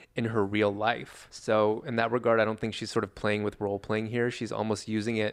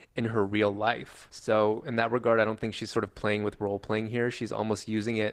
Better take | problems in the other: first | garbled, watery; slightly; nothing above 15.5 kHz

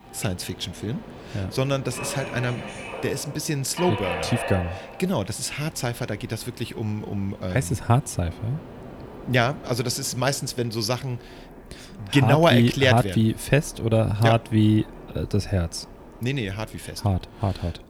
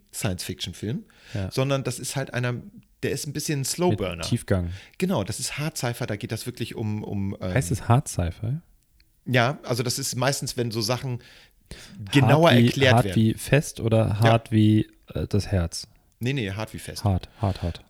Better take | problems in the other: second | train or aircraft noise; noticeable; throughout; 15 dB below the speech

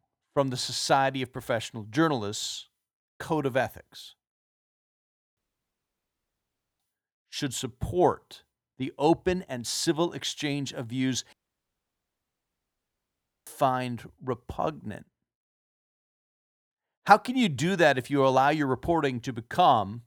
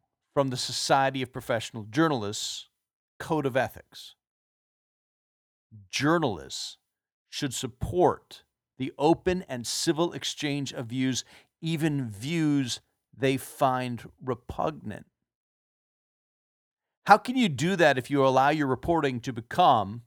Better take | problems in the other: second | audio cutting out; at 5.5 s for 1.5 s and at 11 s for 2 s

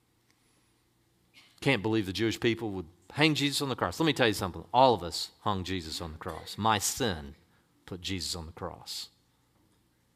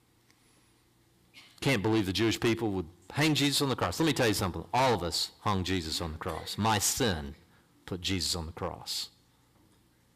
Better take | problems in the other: first | distortion; heavy; 6% of the sound clipped

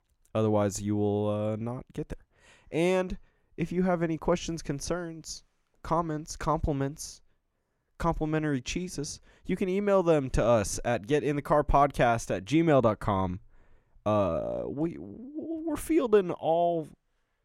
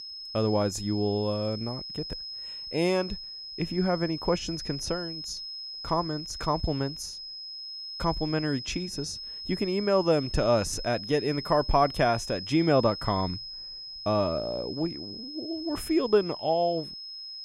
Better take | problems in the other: first | high-pitched whine; loud; throughout; 5 kHz, 9 dB below the speech

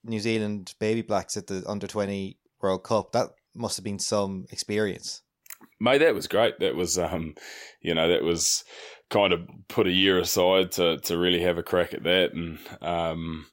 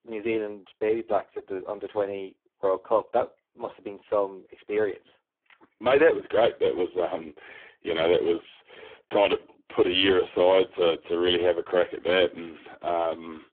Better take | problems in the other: first | phone-call audio; poor line; nothing above 3.5 kHz

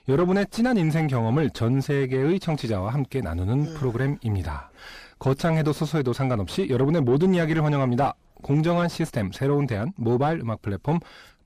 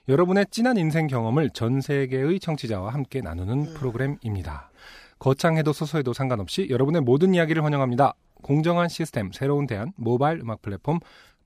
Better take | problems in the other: second | distortion; slight; 10 dB below the speech

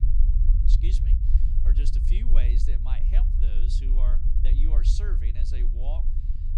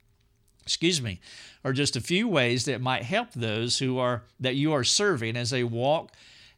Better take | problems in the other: second | low rumble; loud; throughout; 2 dB below the speech

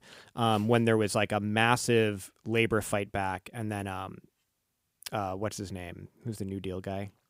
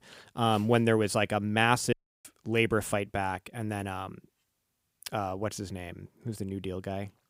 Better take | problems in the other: first | audio cutting out; at 2 s

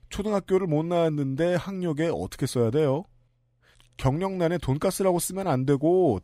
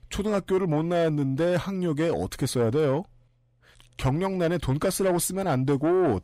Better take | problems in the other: first | distortion; slight; 10 dB below the speech

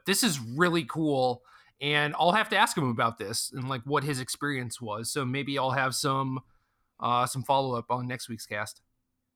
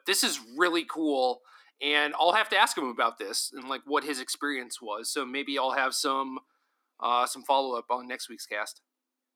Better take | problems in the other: first | thin; somewhat; fading below 300 Hz

